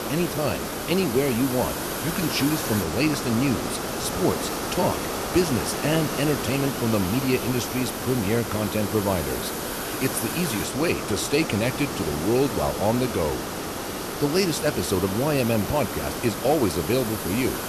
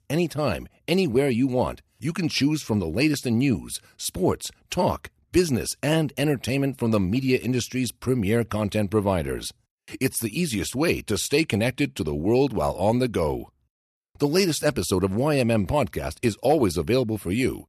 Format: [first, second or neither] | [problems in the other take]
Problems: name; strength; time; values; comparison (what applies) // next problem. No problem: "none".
second | hiss; loud; throughout; 4 dB below the speech